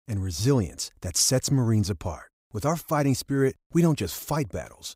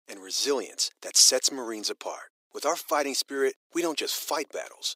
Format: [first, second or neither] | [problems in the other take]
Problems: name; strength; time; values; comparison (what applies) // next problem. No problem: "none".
first | thin; very; fading below 350 Hz